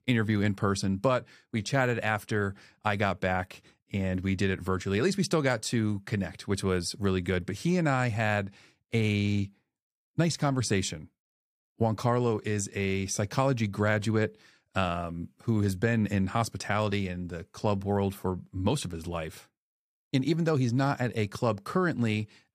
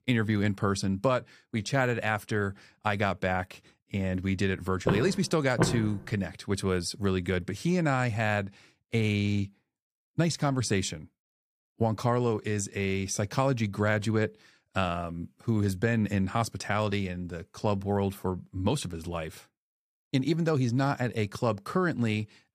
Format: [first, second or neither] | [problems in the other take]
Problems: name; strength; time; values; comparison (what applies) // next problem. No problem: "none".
first | footsteps; loud; from 5 to 6 s; peak level with the speech